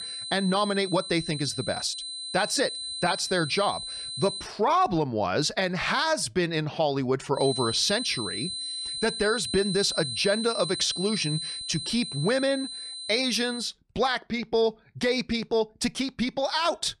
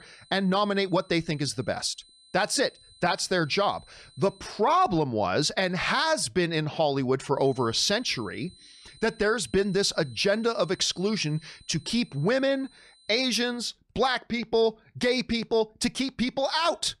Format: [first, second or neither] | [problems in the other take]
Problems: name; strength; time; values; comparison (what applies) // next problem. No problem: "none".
second | high-pitched whine; loud; until 4.5 s and from 7.5 to 14 s; 4 kHz, 6 dB below the speech; faint in the second